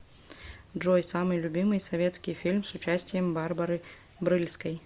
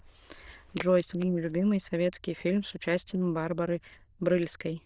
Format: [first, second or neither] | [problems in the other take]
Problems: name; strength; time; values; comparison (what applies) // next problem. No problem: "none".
first | noise reduction (neural diffusion model UNIVERSE++)